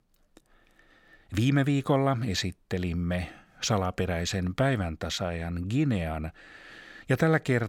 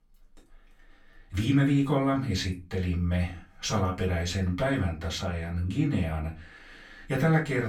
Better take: first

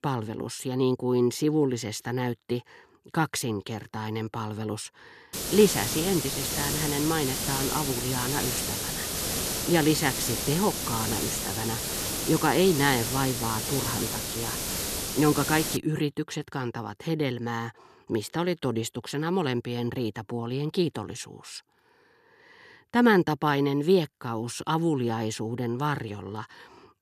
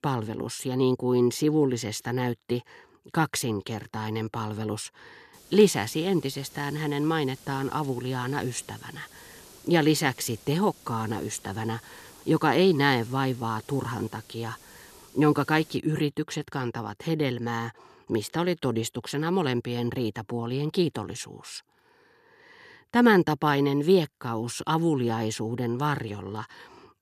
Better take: second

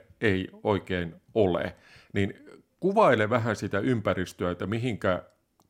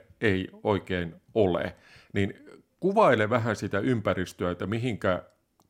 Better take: neither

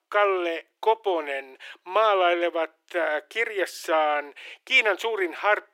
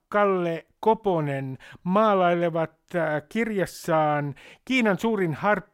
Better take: second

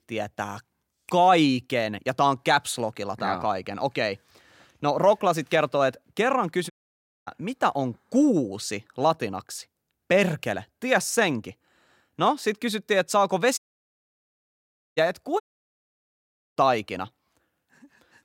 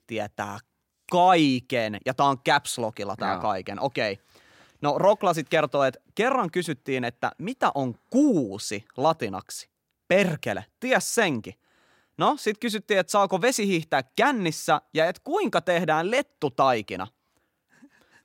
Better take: second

